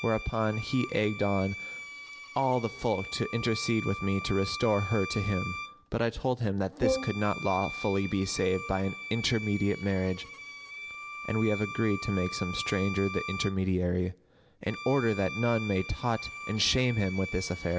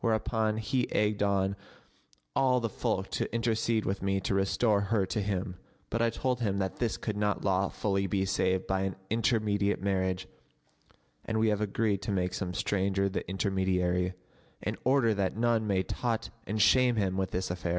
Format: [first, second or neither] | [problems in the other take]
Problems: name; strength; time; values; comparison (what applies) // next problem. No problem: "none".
second | background sound (Brass instrument + Bowed string instrument); 10 dB below the speech